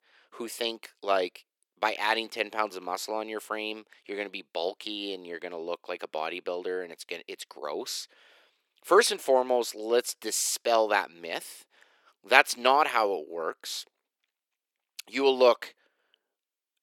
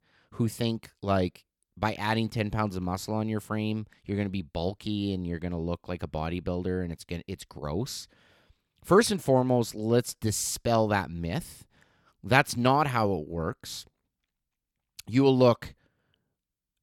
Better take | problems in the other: second | thin; very; fading below 400 Hz

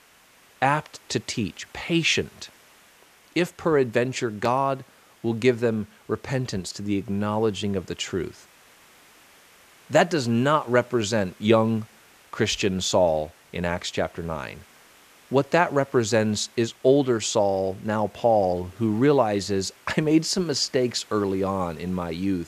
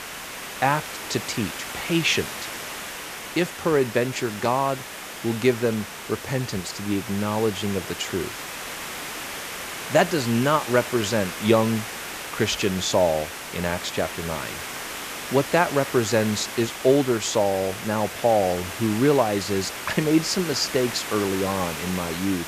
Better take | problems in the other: first | hiss; loud; throughout; 8 dB below the speech; faint in the first

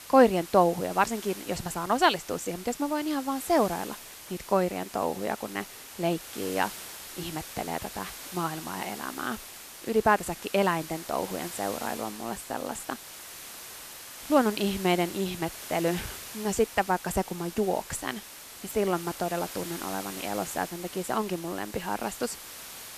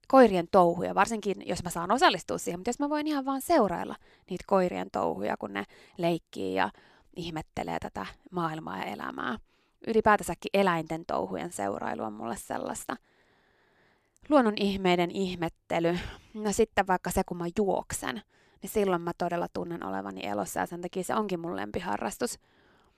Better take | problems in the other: second | hiss; noticeable; throughout; 10 dB below the speech

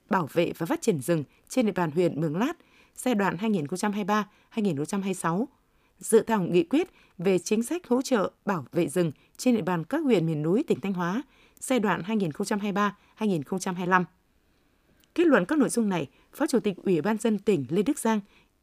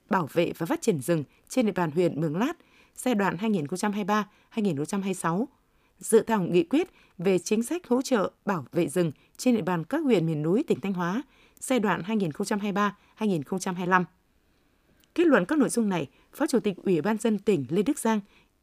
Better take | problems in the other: neither | none

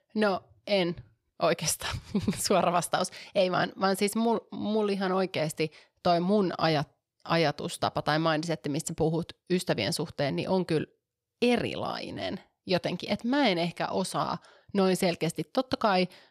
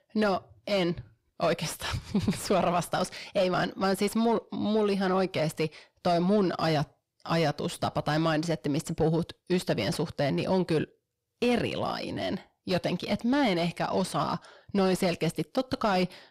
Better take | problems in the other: first | distortion; slight; 10 dB below the speech

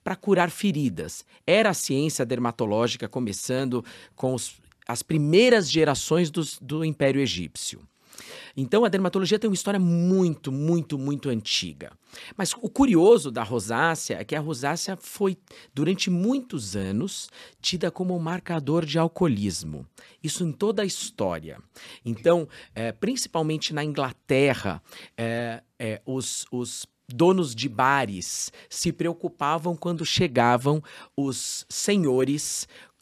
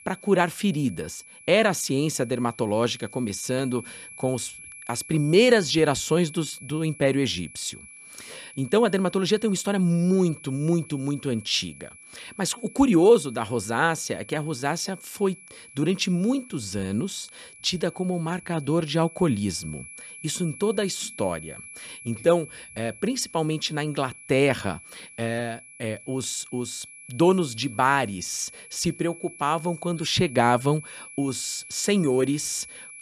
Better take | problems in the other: first | high-pitched whine; noticeable; throughout; 2.5 kHz, 20 dB below the speech

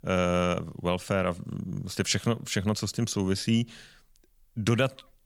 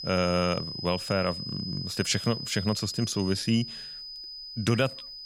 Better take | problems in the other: first | high-pitched whine; loud; throughout; 5 kHz, 7 dB below the speech

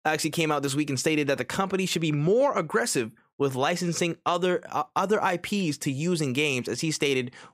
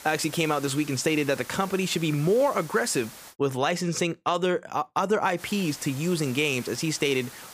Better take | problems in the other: first | hiss; noticeable; until 3.5 s and from 5.5 s on; 15 dB below the speech

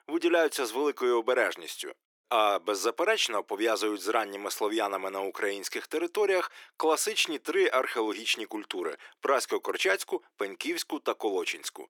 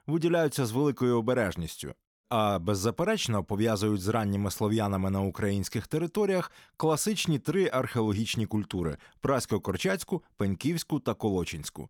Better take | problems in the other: second | thin; very; fading below 350 Hz

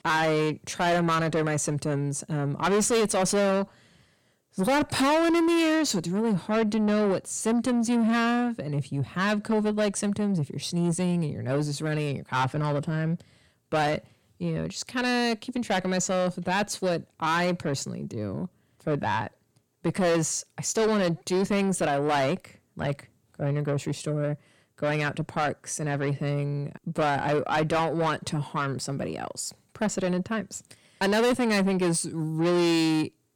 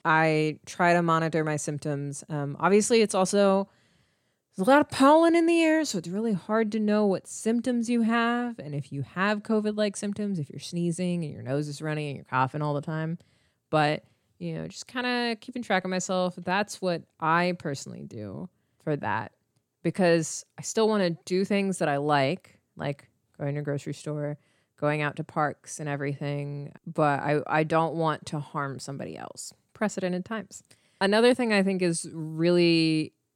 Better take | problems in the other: second | distortion; heavy; 7 dB below the speech

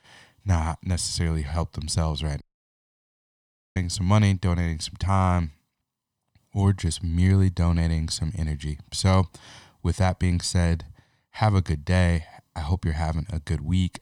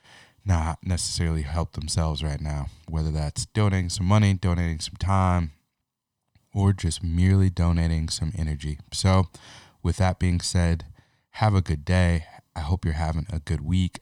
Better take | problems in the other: second | audio cutting out; at 2.5 s for 1.5 s

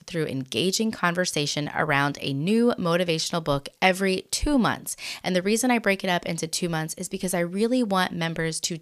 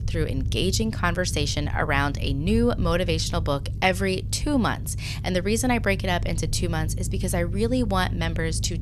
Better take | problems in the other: first | low rumble; noticeable; throughout; 20 dB below the speech

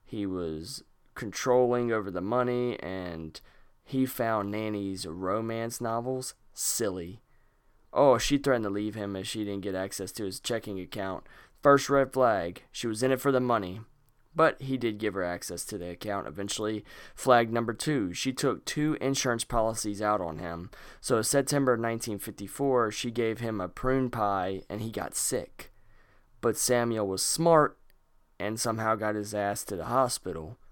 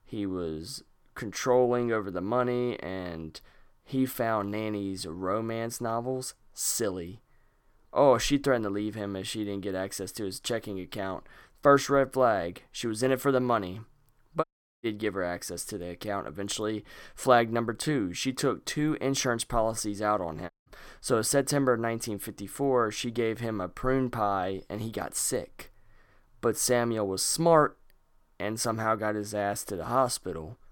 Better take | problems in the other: first | audio cutting out; at 14 s and at 21 s

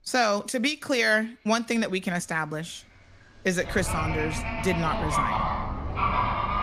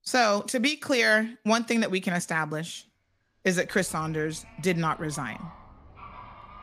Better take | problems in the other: second | animal sounds; loud; throughout; 2 dB below the speech; faint in the second

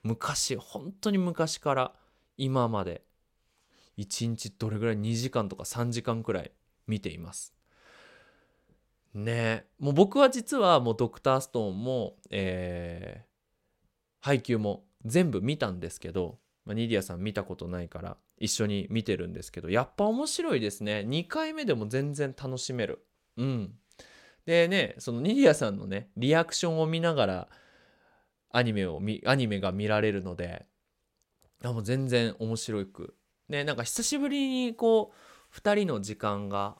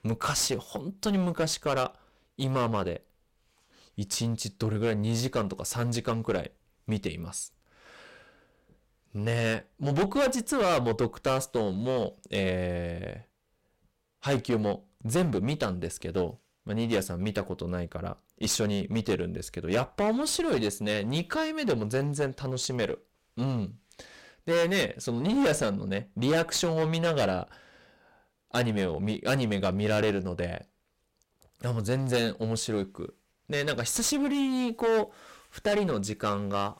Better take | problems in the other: first | distortion; heavy; 11% of the sound clipped

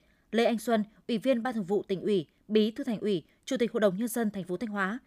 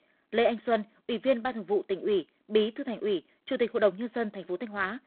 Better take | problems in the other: first | phone-call audio; poor line

